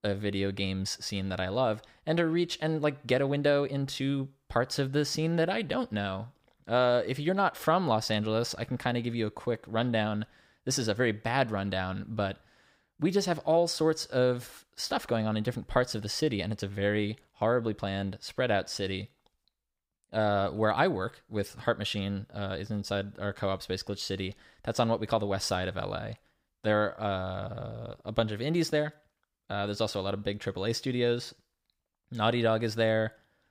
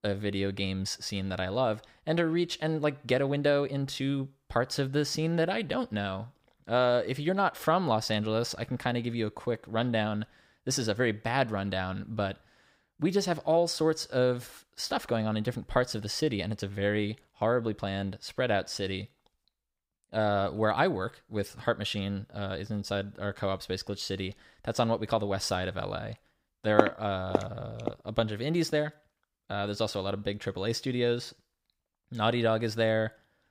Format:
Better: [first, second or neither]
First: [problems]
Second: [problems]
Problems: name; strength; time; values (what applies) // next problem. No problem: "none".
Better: first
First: none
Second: footsteps; loud; from 27 to 28 s; peak 3 dB above the speech